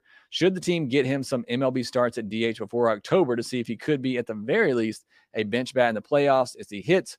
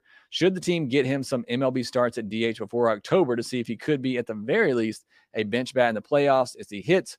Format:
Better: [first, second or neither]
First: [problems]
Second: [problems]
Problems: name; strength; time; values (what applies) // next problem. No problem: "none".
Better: neither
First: none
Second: none